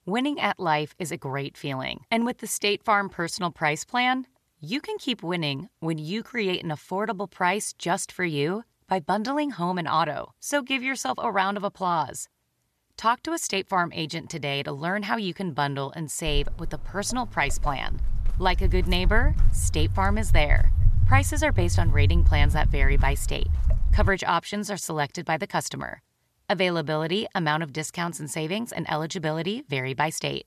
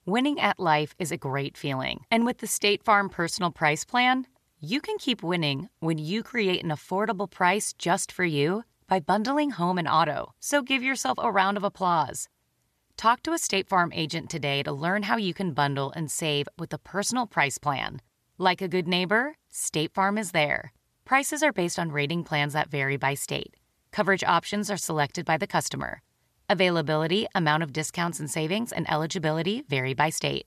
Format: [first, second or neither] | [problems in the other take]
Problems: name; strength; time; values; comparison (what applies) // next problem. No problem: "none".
second | footsteps; loud; from 16 to 24 s; peak 5 dB above the speech